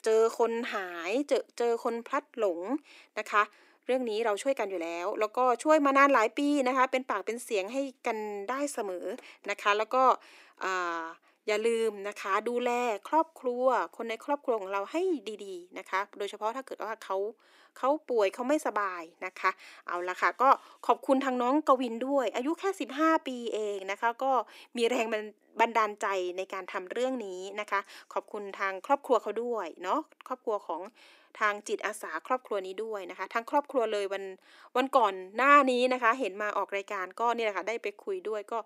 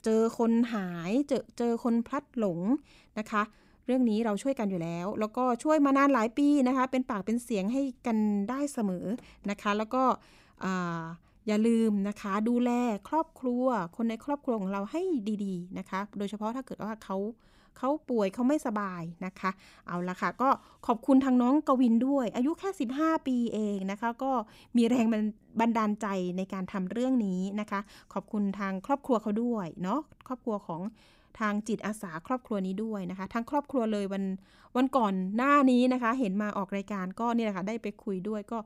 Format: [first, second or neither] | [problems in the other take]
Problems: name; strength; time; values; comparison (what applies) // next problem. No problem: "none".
second | thin; somewhat; fading below 300 Hz